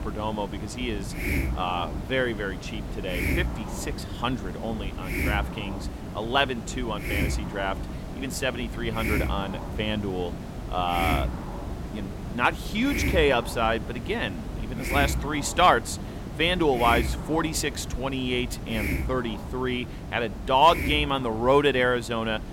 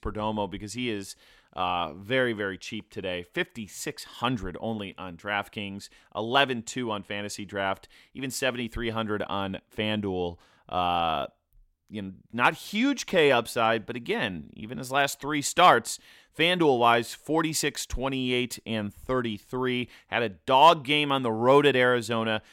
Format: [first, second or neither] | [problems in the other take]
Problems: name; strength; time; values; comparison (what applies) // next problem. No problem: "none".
second | hiss; loud; throughout; 6 dB below the speech